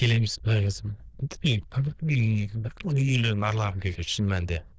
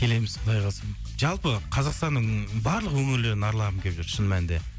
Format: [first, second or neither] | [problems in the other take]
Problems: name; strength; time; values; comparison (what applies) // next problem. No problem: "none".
second | noise reduction (neural diffusion model UNIVERSE++)